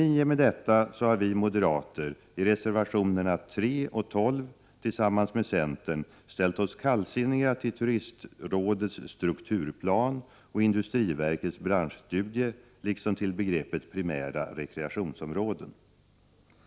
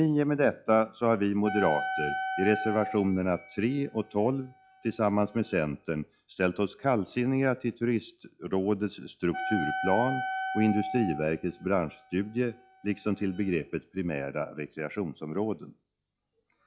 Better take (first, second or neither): first